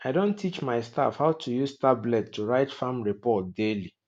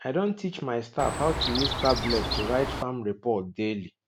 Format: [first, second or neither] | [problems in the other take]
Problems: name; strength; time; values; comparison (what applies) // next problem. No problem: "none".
first | background sound (Chirp, tweet); 2 dB below the speech